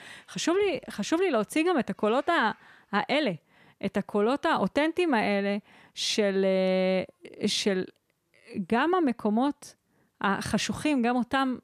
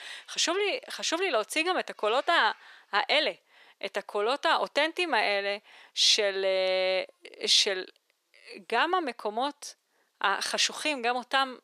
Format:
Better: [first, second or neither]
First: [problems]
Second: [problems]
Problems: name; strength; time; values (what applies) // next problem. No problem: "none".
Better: first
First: none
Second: thin; very; fading below 450 Hz